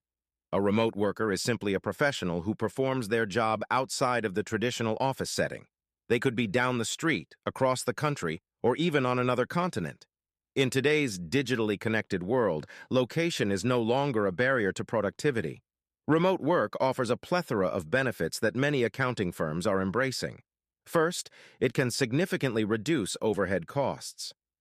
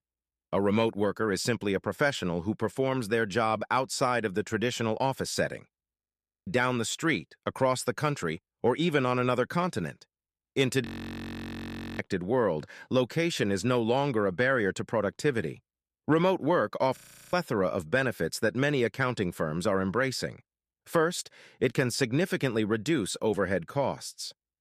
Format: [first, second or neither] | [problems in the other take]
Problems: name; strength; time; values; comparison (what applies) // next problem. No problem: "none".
first | audio freezing; at 6 s for 0.5 s, at 11 s for 1 s and at 17 s